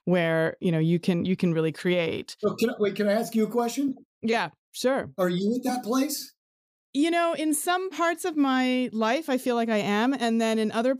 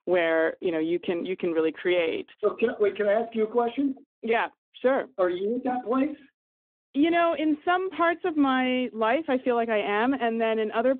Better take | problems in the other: first | phone-call audio; nothing above 3.5 kHz

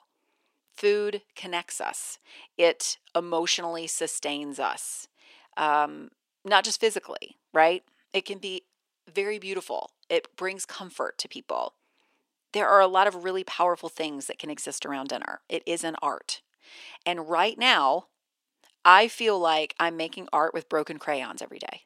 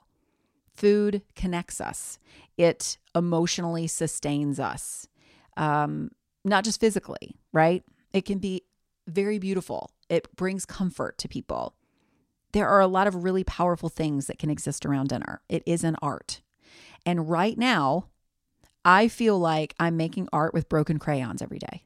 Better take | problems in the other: second | thin; very; fading below 400 Hz

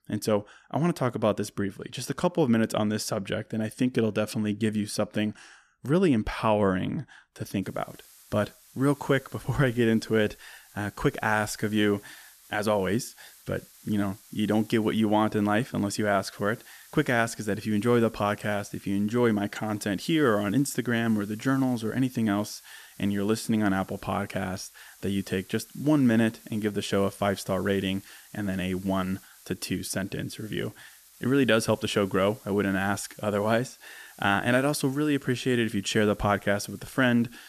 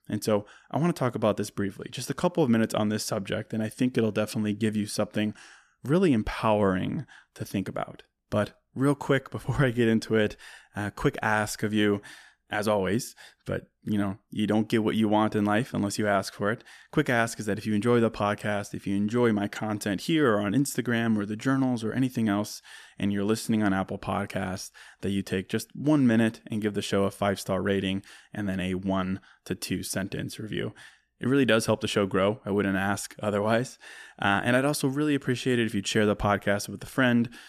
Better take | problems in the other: second | hiss; faint; from 7.5 s on; 25 dB below the speech

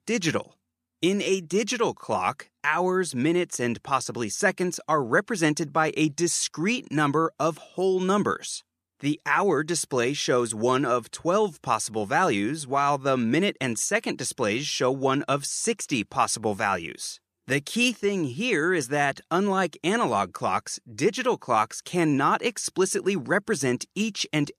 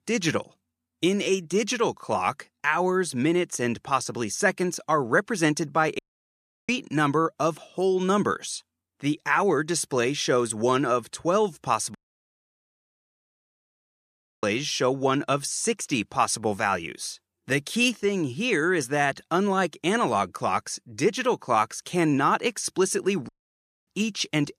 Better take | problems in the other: first | audio cutting out; at 6 s for 0.5 s, at 12 s for 2.5 s and at 23 s for 0.5 s

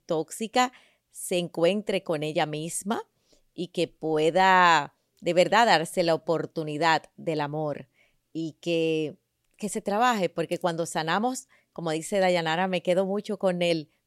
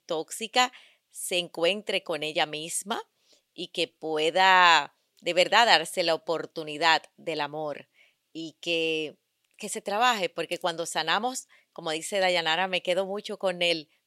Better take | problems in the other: first | thin; somewhat; fading below 600 Hz

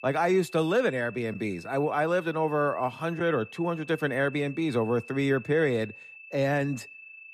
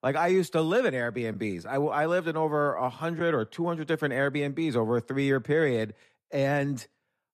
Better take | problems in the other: second | high-pitched whine; noticeable; throughout; 2.5 kHz, 20 dB below the speech

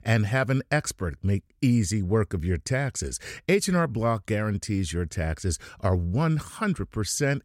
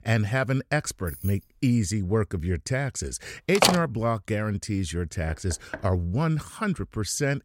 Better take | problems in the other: first | jangling keys; faint; at 1 s; peak 15 dB below the speech // door banging; loud; at 3.5 s; peak 5 dB above the speech // door banging; faint; at 5.5 s; peak 10 dB below the speech

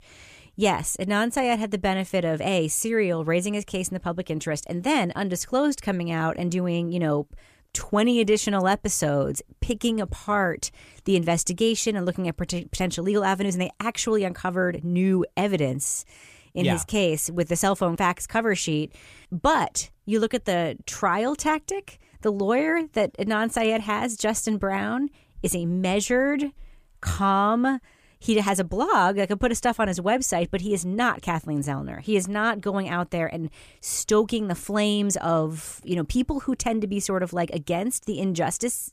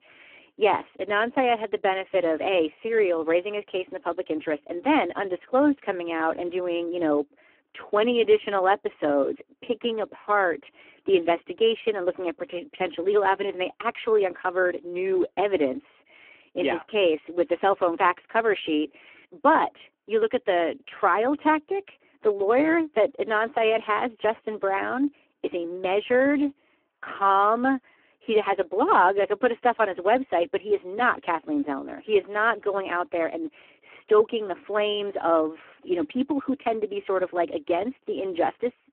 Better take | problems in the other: first | phone-call audio; poor line

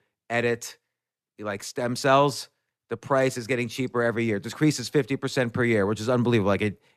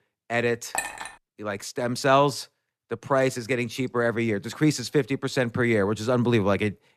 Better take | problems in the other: first | clattering dishes; noticeable; at 0.5 s; peak 5 dB below the speech

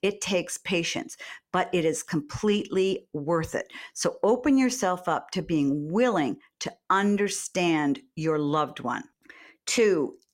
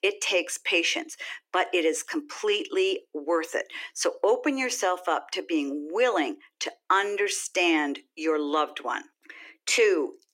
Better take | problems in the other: first | thin; somewhat; fading below 300 Hz

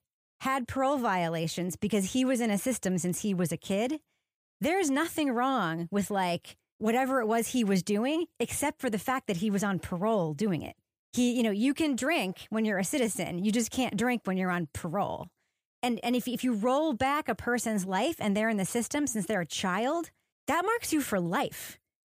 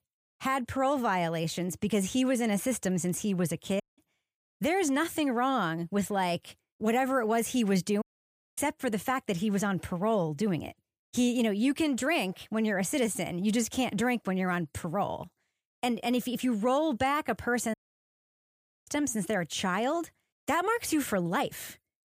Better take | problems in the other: first | audio cutting out; at 4 s, at 8 s for 0.5 s and at 18 s for 1 s

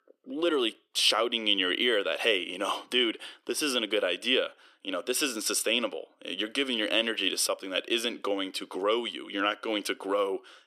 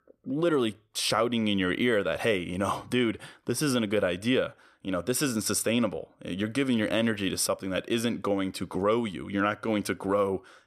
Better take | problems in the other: second | thin; very slightly; fading below 300 Hz

